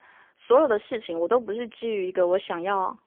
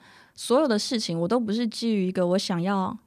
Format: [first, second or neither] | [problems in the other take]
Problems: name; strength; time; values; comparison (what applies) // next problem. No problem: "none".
second | phone-call audio; poor line; nothing above 3.5 kHz